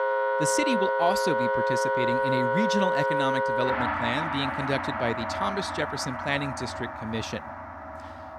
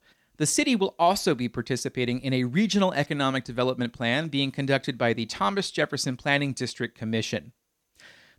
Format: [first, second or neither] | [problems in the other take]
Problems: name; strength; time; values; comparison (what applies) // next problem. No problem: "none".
second | background music; very loud; throughout; 3 dB above the speech